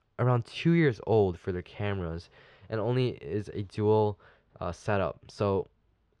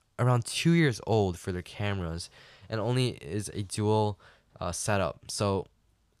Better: second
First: muffled; slightly; fading above 3 kHz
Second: none

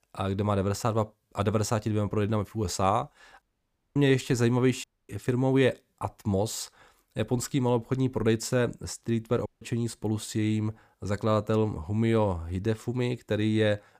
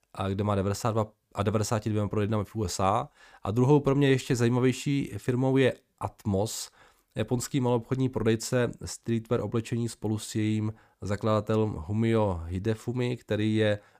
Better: second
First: audio cutting out; at 3.5 s for 0.5 s, at 5 s and at 9.5 s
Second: none

